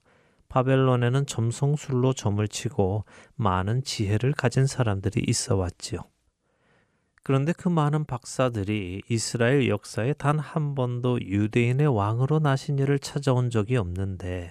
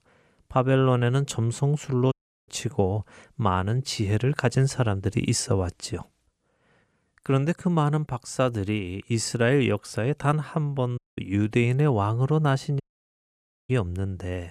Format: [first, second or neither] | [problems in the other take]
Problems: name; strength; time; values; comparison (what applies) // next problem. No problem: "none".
first | audio cutting out; at 2 s, at 11 s and at 13 s for 1 s